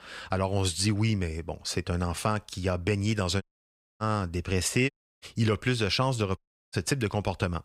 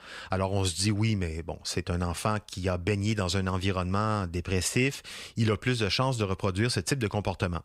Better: second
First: audio cutting out; at 3.5 s for 0.5 s, at 5 s and at 6.5 s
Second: none

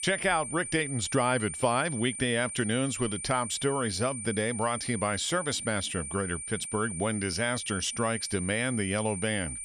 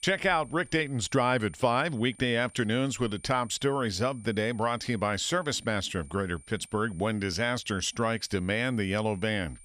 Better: second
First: high-pitched whine; loud; throughout; 9 kHz, 6 dB below the speech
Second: high-pitched whine; faint; throughout; 9 kHz, 25 dB below the speech

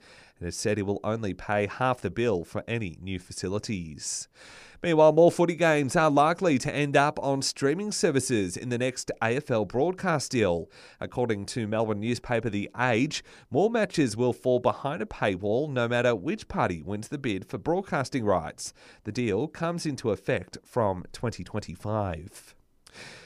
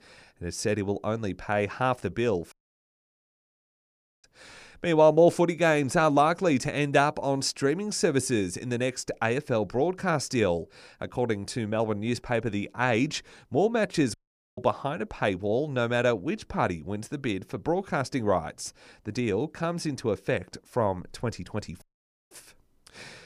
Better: first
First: none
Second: audio cutting out; at 2.5 s for 1.5 s, at 14 s and at 22 s

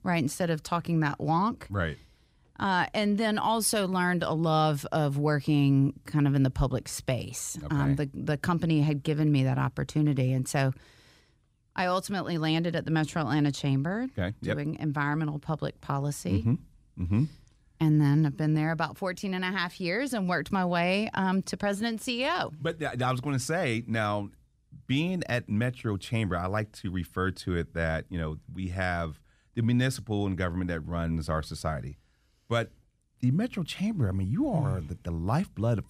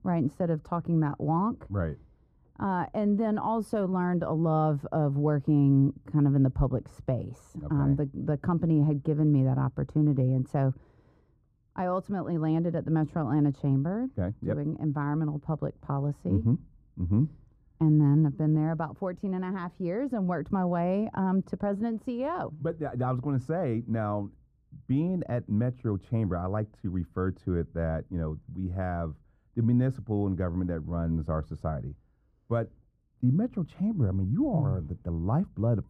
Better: first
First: none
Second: muffled; very; fading above 1 kHz

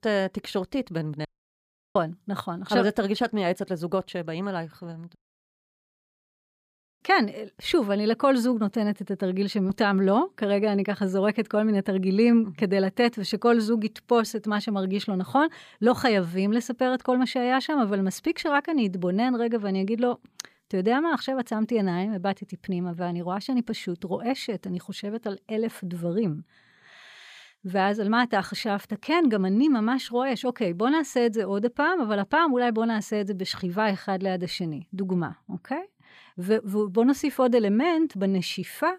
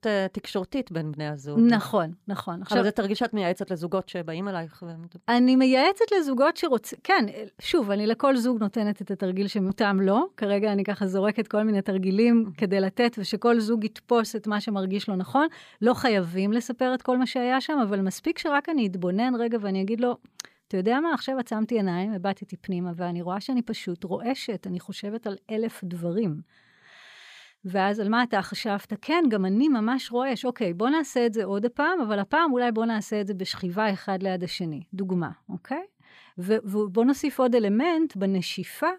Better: second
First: audio cutting out; at 1.5 s for 0.5 s and at 5 s for 2 s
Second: none

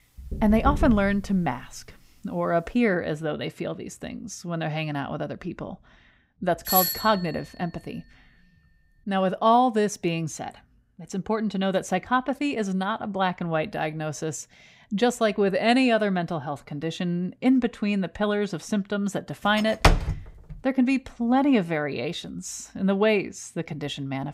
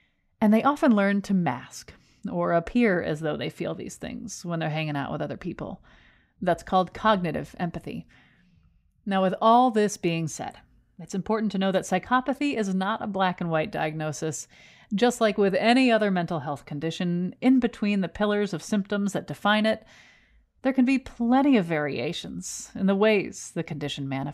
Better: second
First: door banging; noticeable; at 0.5 s; peak 3 dB below the speech // doorbell; loud; at 6.5 s; peak 3 dB above the speech // door banging; loud; at 20 s; peak 4 dB above the speech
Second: none

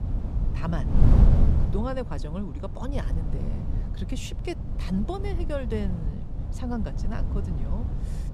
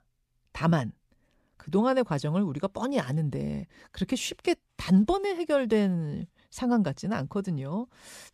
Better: second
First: wind noise on the microphone; heavy; 4 dB below the speech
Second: none

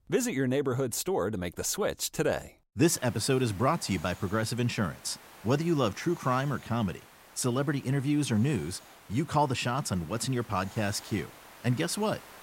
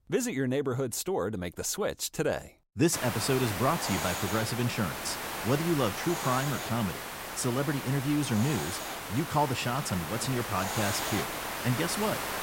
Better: first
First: hiss; faint; from 3 s on; 20 dB below the speech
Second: hiss; loud; from 3 s on; 4 dB below the speech

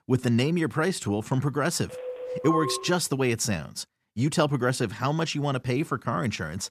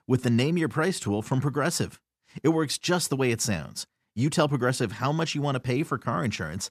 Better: second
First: phone ringing; noticeable; from 2 to 3 s; peak 3 dB below the speech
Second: none

